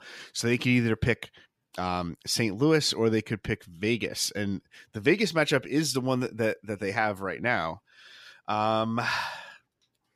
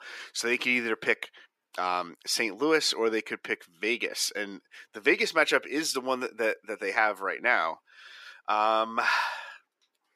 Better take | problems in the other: first | thin; somewhat; fading below 350 Hz

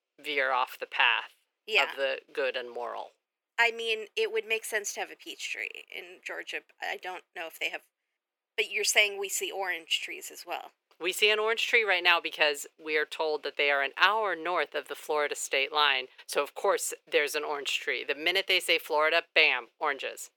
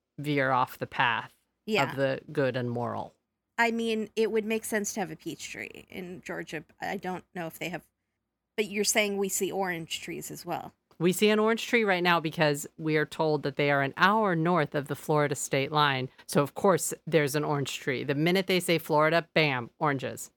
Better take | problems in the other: second | thin; very; fading below 450 Hz

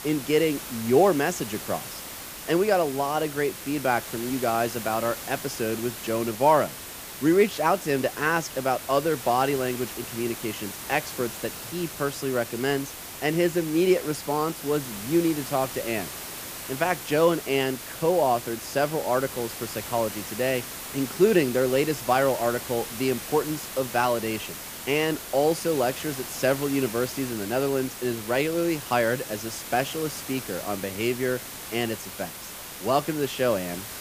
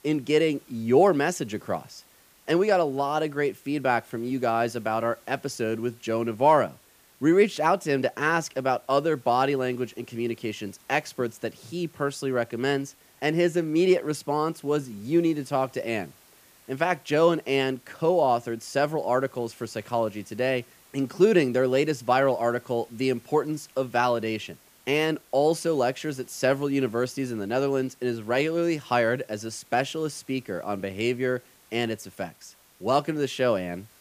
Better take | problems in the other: second | hiss; loud; throughout; 9 dB below the speech; faint in the second

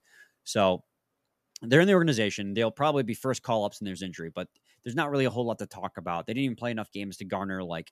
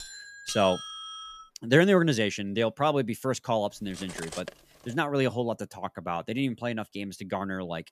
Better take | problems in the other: first | doorbell; noticeable; until 1.5 s; peak 8 dB below the speech // clattering dishes; faint; from 4 to 5 s; peak 10 dB below the speech

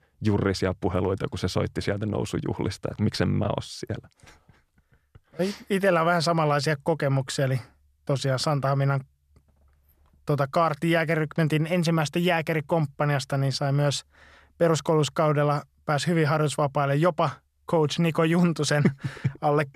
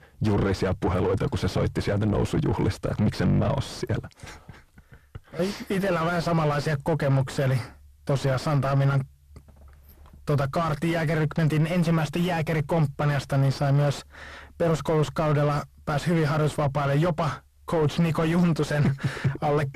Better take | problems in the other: first | distortion; heavy; 5 dB below the speech

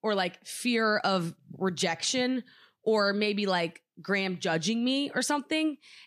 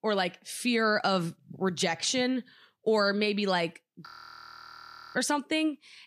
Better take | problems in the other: first | audio freezing; at 4 s for 1 s

